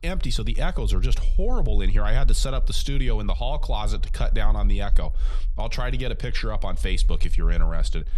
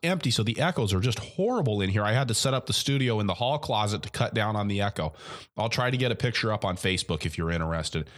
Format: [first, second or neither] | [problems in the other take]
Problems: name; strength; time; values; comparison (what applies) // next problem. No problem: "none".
second | low rumble; faint; throughout; 20 dB below the speech